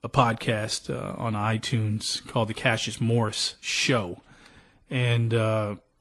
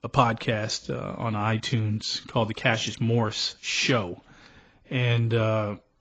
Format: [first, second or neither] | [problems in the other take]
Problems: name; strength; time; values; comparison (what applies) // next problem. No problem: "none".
first | garbled, watery; badly; nothing above 7.5 kHz; slightly in the first